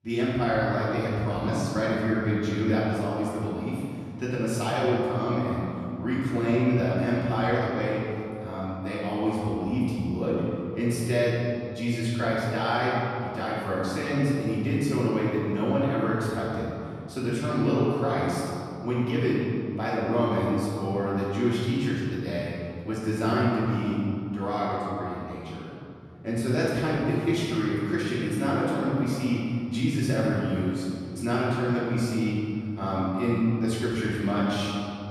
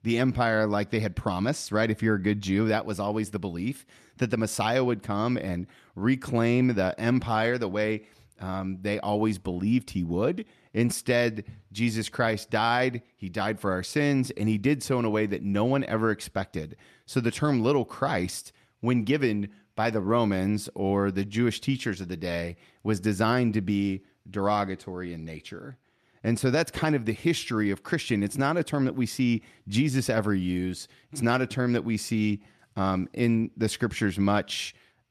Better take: second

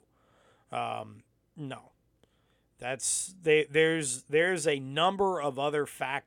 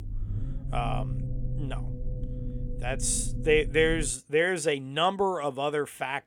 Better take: first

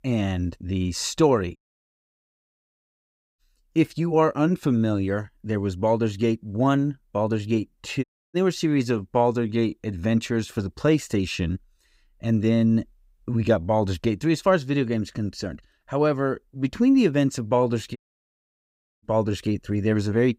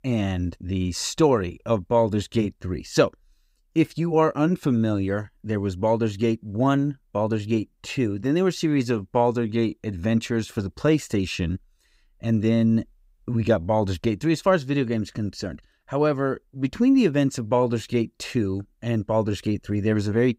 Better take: second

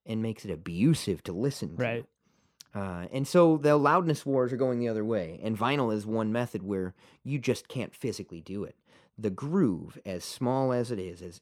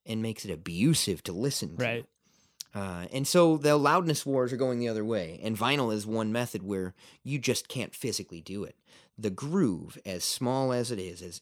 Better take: second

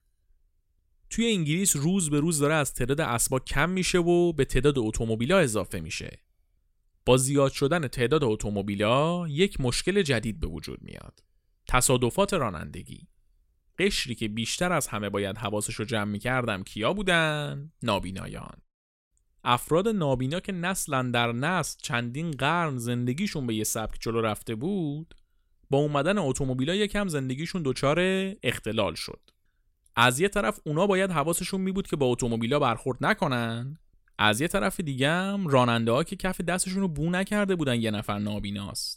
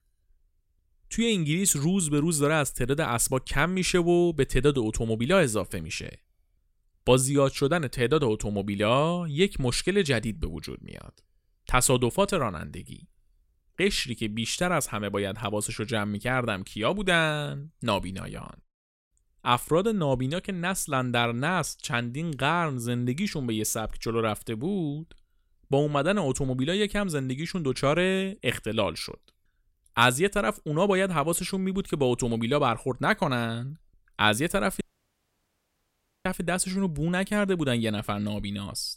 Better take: first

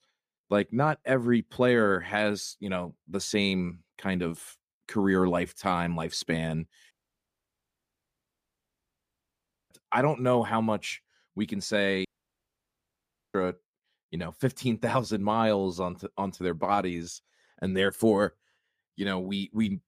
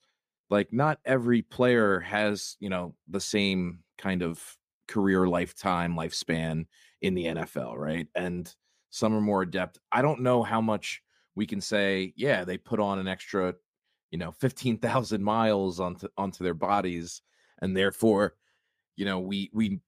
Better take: second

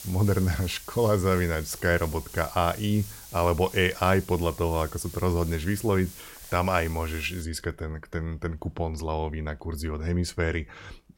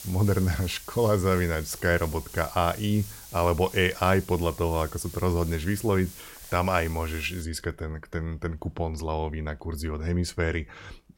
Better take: neither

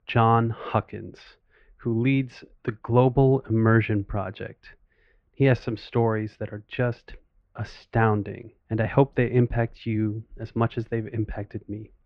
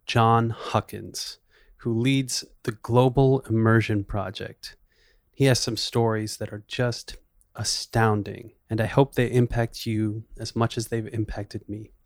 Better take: second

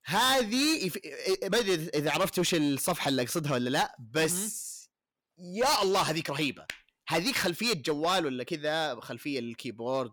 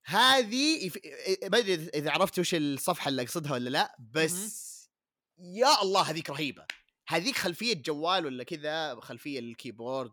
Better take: second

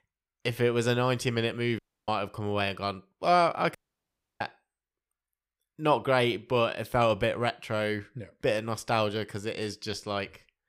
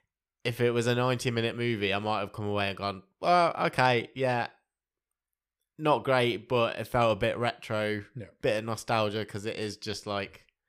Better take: second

